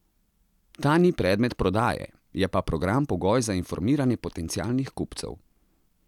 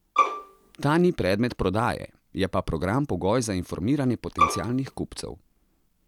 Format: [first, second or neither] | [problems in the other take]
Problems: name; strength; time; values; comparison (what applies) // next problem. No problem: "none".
first | background sound (Bowed string instrument); as loud as the speech